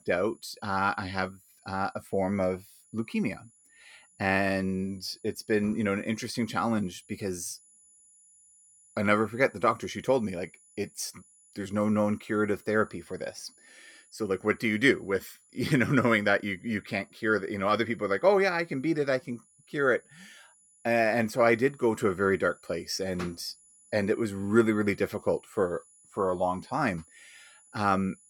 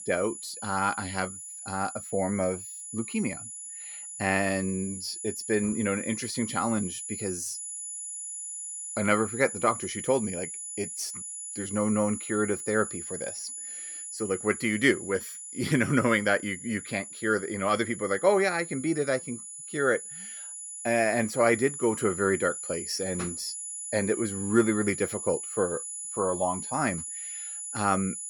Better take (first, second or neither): first